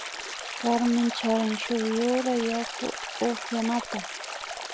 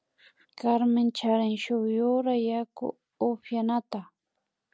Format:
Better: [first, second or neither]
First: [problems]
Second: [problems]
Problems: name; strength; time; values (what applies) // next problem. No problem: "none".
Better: second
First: background sound (Stream); 8 dB below the speech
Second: none